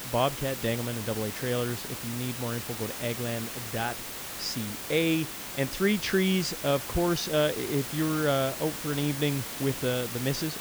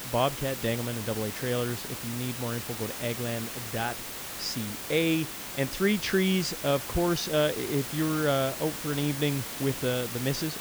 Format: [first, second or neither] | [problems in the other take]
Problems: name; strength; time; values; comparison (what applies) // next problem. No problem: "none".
neither | hiss; loud; throughout; 6 dB below the speech; the same in both